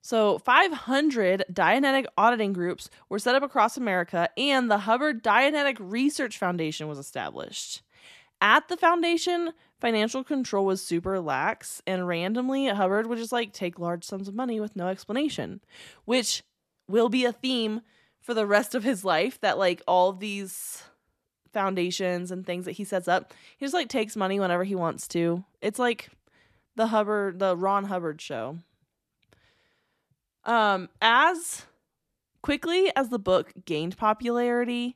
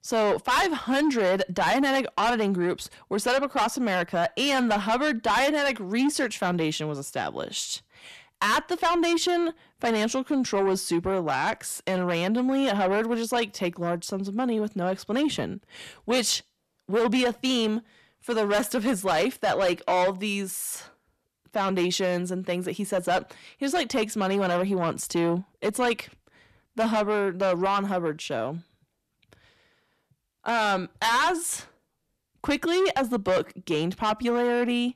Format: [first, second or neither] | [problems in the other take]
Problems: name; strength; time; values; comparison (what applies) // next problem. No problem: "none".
first | distortion; heavy; 7 dB below the speech